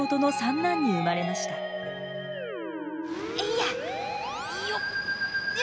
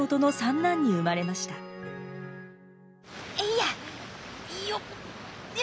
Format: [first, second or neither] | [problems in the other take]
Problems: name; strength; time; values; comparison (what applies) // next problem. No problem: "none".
second | background sound (Musical instrument); 1 dB below the speech